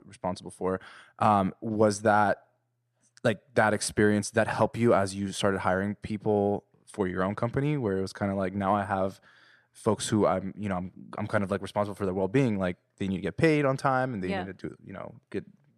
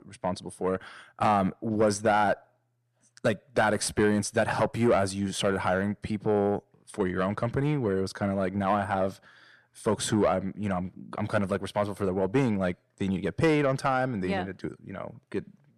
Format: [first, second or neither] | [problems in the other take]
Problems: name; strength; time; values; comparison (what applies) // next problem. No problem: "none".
first | distortion; slight; 10 dB below the speech